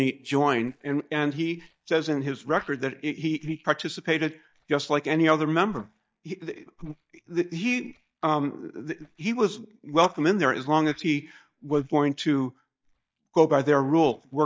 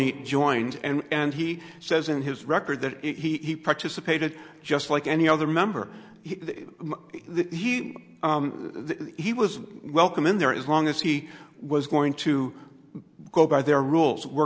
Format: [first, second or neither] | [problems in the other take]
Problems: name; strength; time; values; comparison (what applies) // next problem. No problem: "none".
second | noise reduction (neural mask model DeepFilterNet 3)